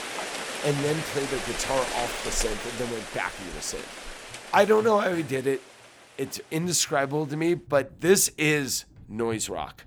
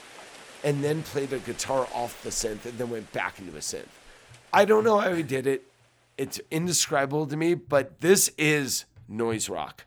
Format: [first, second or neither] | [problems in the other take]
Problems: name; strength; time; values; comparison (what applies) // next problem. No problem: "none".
second | rain or running water; loud; throughout; 8 dB below the speech; faint in the second